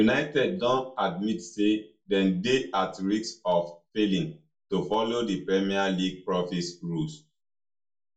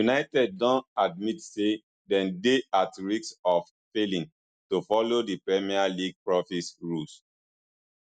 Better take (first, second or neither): second